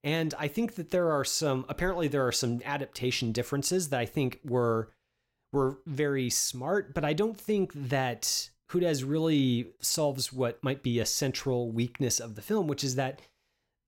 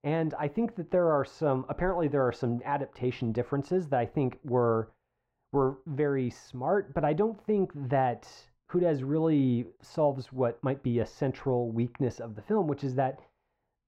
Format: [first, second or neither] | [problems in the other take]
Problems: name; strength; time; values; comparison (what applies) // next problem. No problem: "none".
first | muffled; very; fading above 4 kHz